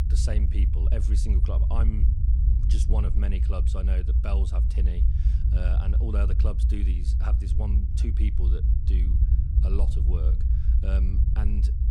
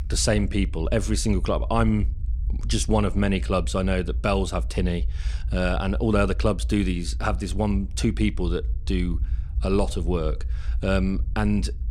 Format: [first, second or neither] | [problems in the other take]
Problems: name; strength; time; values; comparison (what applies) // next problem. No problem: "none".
second | low rumble; loud; throughout; 2 dB below the speech; faint in the second